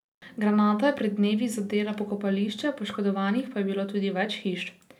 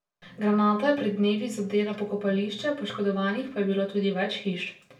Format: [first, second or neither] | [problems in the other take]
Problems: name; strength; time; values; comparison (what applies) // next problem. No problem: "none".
first | room echo; dies away in 0.3 s